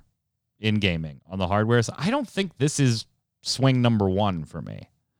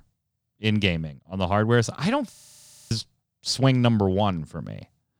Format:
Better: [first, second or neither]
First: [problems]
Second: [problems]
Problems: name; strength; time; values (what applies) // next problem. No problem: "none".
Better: first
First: none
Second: audio freezing; at 2.5 s for 0.5 s